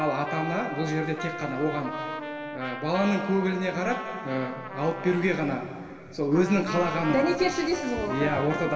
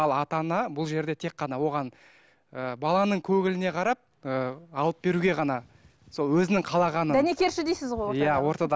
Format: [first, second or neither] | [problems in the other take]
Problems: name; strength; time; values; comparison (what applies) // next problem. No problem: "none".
second | background sound (Trumpet); 9 dB below the speech // room echo; dies away in 2.4 s